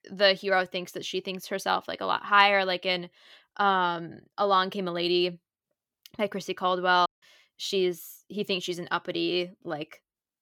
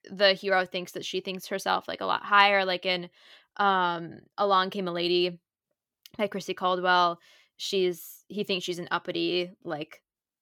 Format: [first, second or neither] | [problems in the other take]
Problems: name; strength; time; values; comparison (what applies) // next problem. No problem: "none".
second | audio cutting out; at 7 s